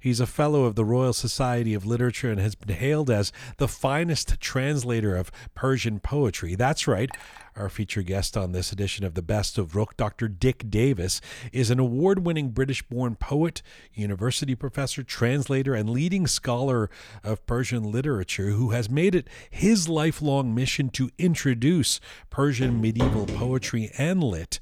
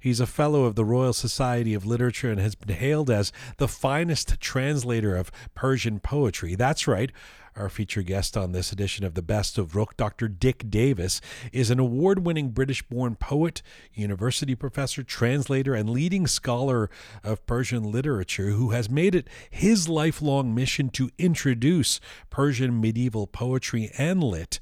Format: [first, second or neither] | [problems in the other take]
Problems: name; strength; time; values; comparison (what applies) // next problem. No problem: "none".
second | clattering dishes; faint; at 7 s; peak 15 dB below the speech // footsteps; noticeable; from 23 to 24 s; peak 2 dB below the speech